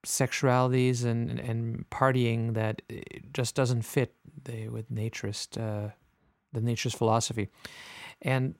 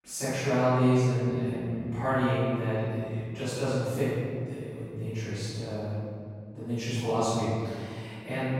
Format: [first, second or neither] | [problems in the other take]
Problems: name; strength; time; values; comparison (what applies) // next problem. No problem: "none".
first | off-mic speech; far // room echo; strong; dies away in 2.1 s